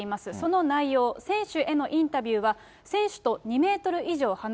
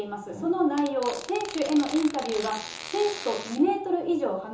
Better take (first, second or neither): first